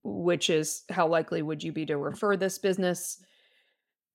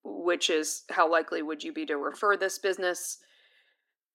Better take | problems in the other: first | thin; somewhat; fading below 300 Hz

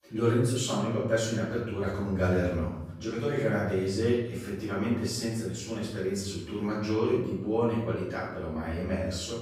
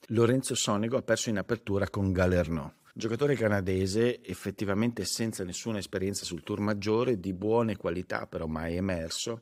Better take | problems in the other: second | off-mic speech; far // room echo; noticeable; dies away in 0.9 s

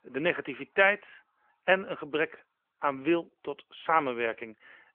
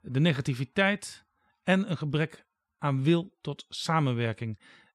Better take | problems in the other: second | phone-call audio; nothing above 3 kHz

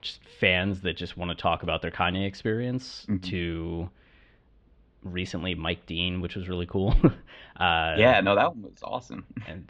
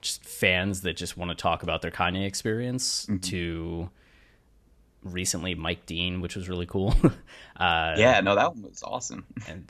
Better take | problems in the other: second | muffled; slightly; fading above 3.5 kHz

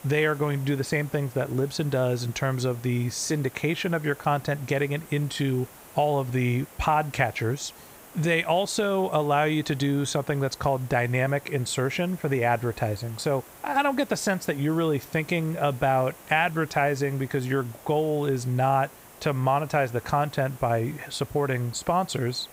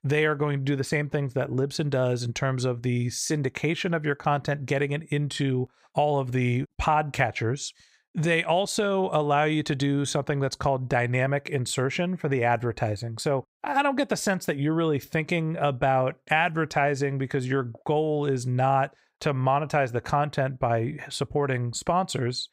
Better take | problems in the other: second | hiss; faint; throughout; 20 dB below the speech

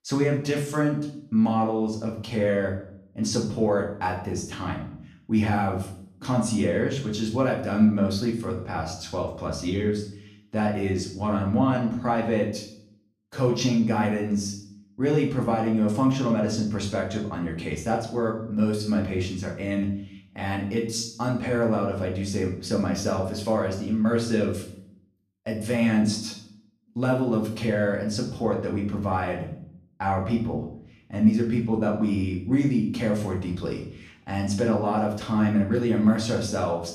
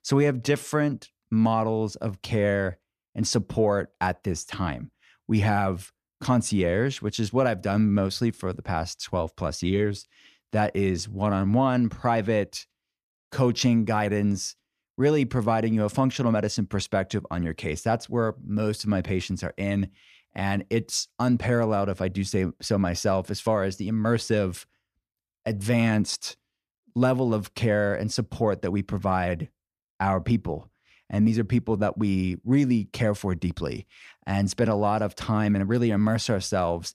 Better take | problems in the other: second | room echo; slight; dies away in 0.6 s // off-mic speech; far

